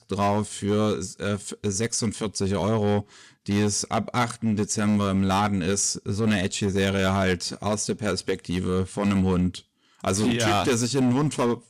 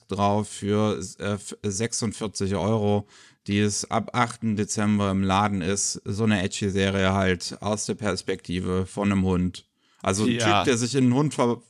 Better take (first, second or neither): second